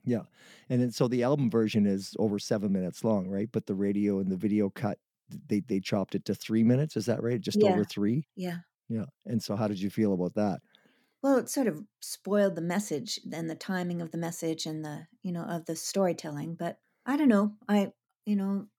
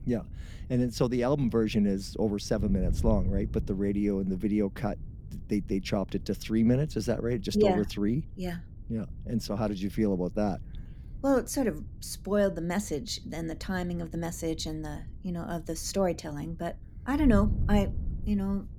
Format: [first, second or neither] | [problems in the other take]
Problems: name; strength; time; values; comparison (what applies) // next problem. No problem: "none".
first | wind noise on the microphone; occasional gusts; 20 dB below the speech